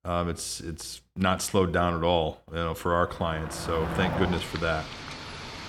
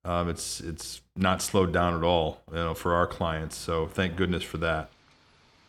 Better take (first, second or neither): second